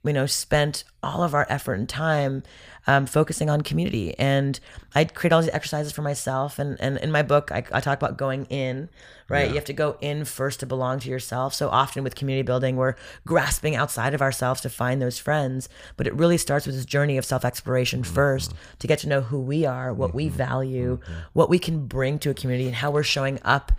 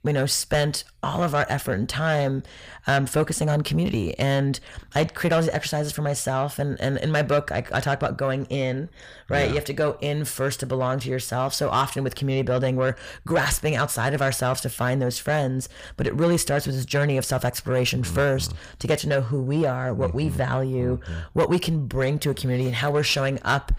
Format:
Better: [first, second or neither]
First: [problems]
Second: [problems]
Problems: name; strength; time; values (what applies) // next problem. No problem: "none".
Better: first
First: none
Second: distortion; slight; 10 dB below the speech